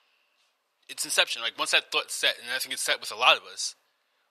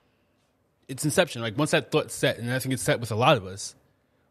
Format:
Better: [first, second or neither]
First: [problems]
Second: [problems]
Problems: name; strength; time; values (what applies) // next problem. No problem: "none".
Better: second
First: thin; very; fading below 900 Hz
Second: none